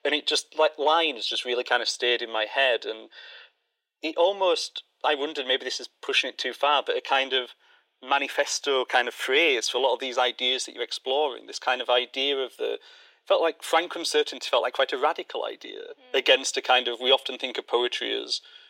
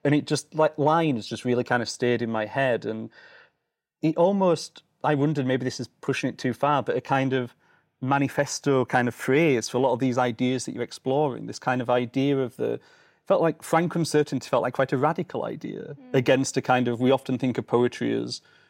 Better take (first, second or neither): second